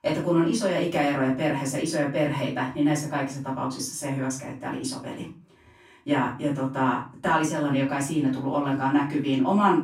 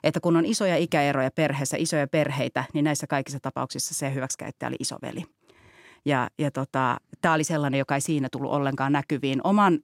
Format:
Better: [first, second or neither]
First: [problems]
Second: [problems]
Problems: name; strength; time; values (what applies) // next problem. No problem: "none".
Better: second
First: off-mic speech; far // room echo; slight; dies away in 0.3 s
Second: none